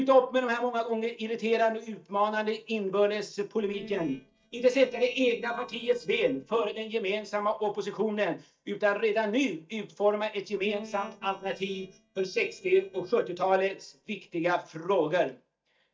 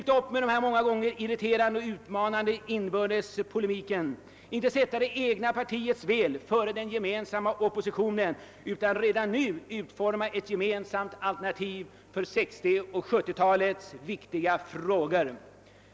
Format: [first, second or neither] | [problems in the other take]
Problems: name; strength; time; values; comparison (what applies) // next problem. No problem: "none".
second | noise reduction (neural mask model DeepFilterNet 3)